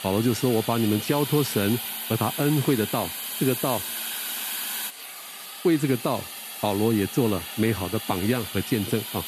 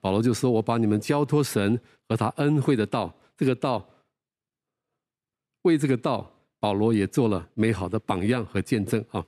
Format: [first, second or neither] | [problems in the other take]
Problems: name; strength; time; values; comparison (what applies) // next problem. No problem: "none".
second | hiss; loud; throughout; 6 dB below the speech